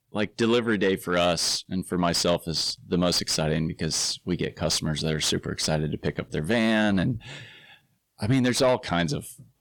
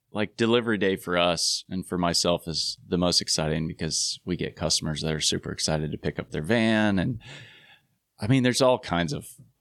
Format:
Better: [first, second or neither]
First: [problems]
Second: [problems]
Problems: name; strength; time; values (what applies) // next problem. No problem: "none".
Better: second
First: distortion; slight; 10 dB below the speech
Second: none